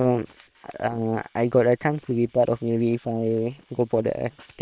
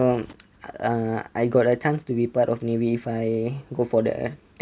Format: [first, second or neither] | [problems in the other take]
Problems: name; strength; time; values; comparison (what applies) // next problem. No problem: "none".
second | noise reduction (neural separator model SepFormer WHAM!)